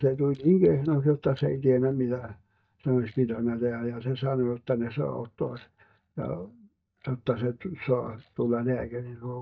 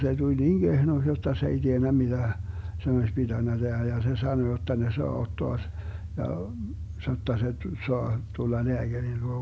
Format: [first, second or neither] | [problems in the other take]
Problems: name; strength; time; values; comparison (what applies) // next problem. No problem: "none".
second | noise reduction (neural mask model DeepFilterNet 3)